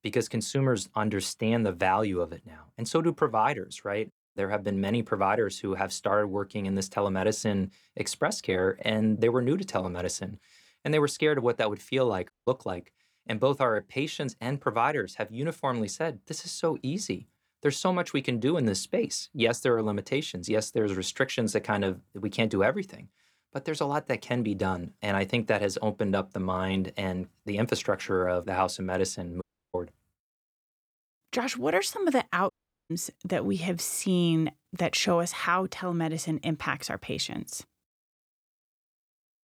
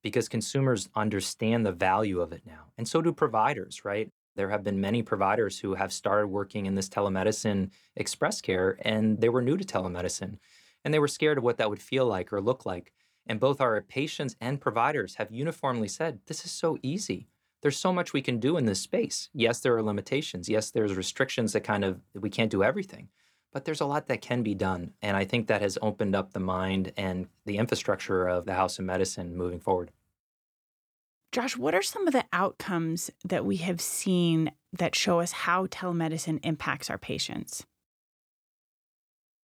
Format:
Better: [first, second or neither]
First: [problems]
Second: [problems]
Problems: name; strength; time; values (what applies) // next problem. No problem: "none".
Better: second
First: audio cutting out; at 12 s, at 29 s and at 33 s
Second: none